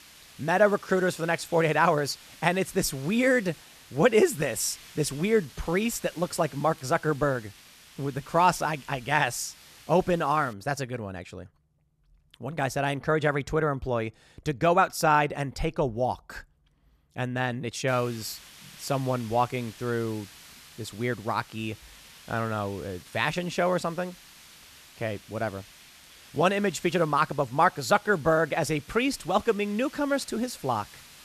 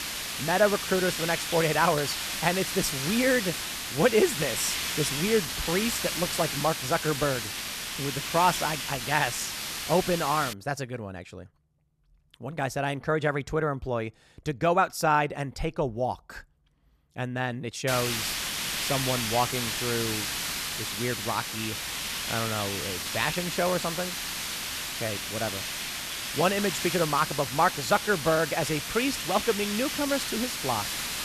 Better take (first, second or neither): first